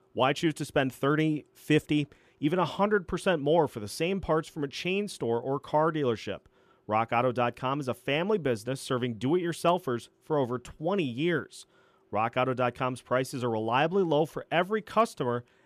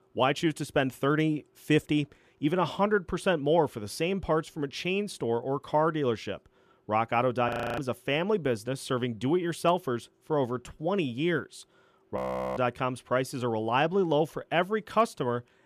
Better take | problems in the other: first | audio freezing; at 7.5 s and at 12 s

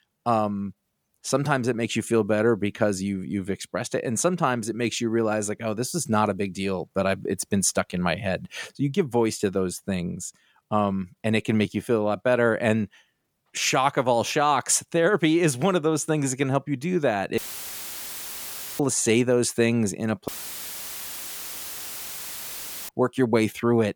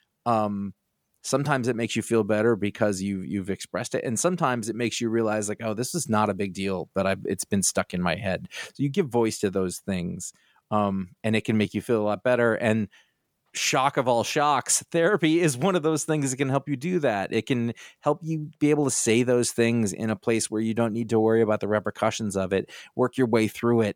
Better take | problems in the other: second | audio cutting out; filled with static; at 17 s for 1.5 s and at 20 s for 2.5 s

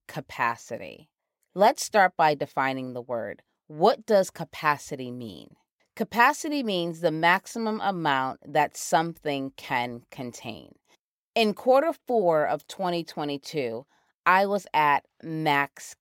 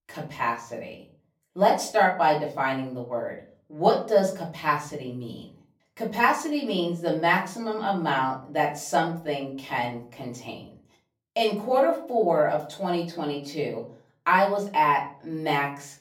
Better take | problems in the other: first | off-mic speech; far // room echo; slight; dies away in 0.4 s

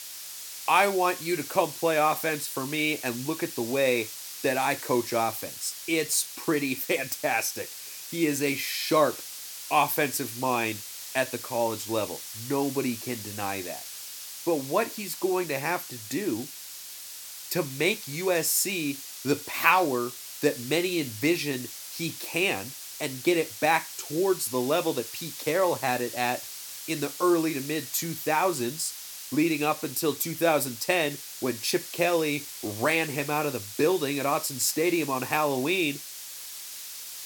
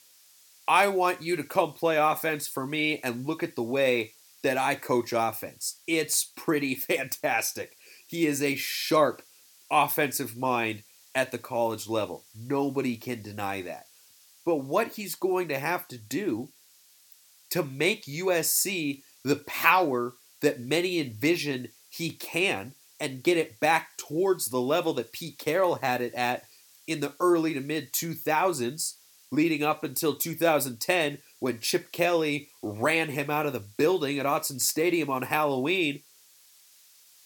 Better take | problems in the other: second | hiss; loud; throughout; 10 dB below the speech; faint in the second

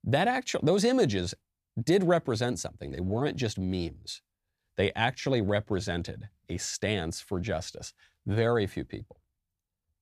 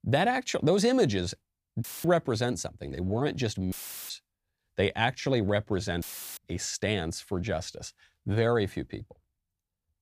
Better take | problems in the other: first | audio cutting out; filled with static; at 2 s, at 3.5 s and at 6 s

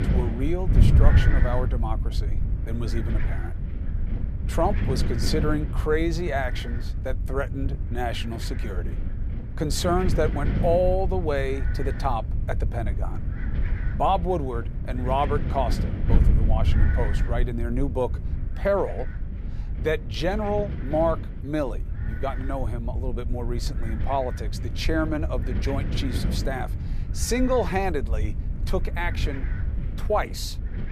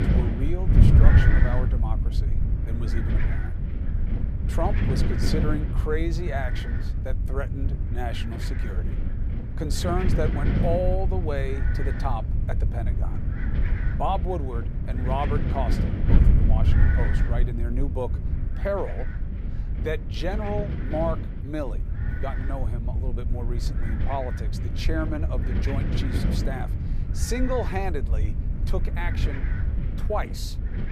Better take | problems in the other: first | wind noise on the microphone; heavy; 5 dB below the speech; occasional gusts in the first

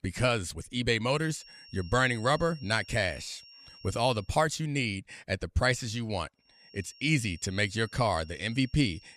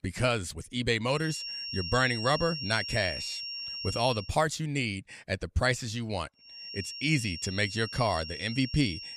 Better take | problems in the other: first | high-pitched whine; loud; from 1.5 to 4 s and from 6.5 s on; 5.5 kHz, 6 dB below the speech; faint in the first

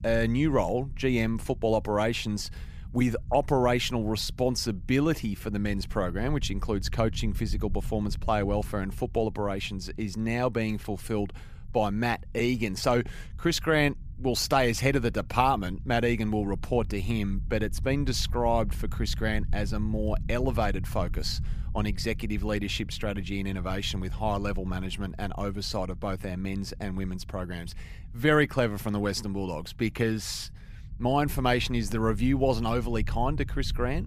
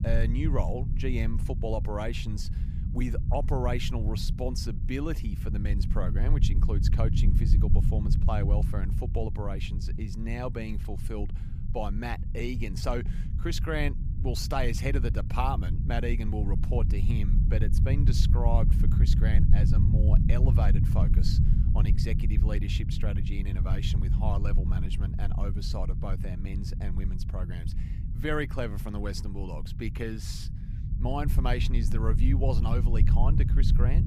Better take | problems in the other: first | low rumble; loud; throughout; 6 dB below the speech; faint in the first

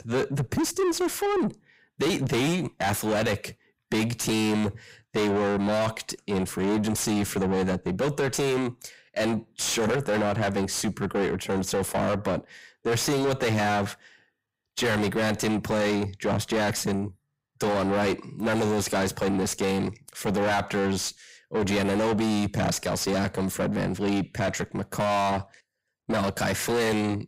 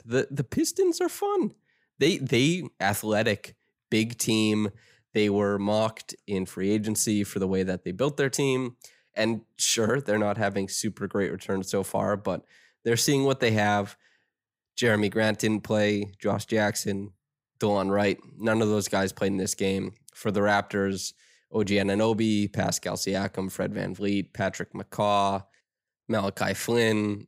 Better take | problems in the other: second | distortion; heavy; 6 dB below the speech

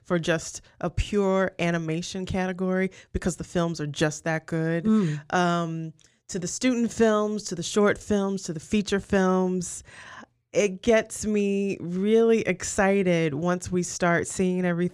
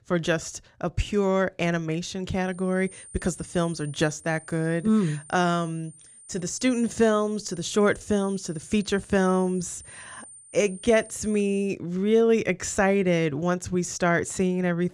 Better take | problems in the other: first | high-pitched whine; noticeable; from 2.5 to 12 s; 9 kHz, 20 dB below the speech

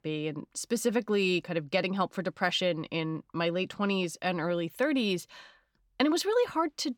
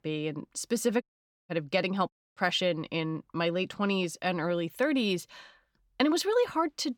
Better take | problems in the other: first | audio cutting out; at 1 s and at 2 s

